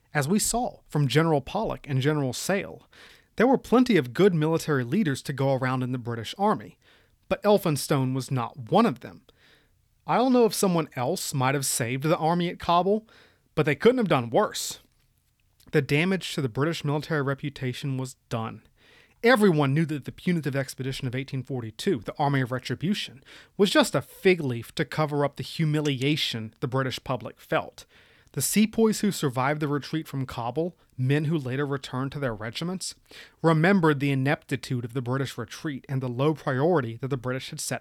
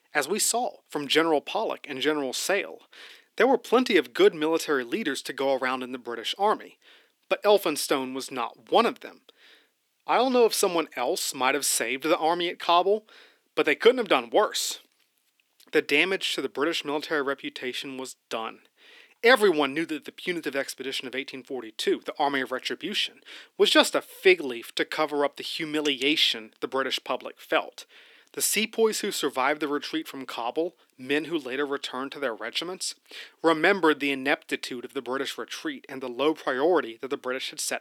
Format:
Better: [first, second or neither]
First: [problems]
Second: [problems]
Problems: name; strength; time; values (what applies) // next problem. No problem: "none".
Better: first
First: none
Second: thin; somewhat; fading below 300 Hz